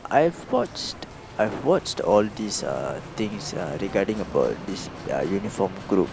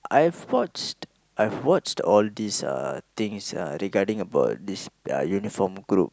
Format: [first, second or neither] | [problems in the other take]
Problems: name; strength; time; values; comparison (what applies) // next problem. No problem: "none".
second | background sound (Bicycle); 14 dB below the speech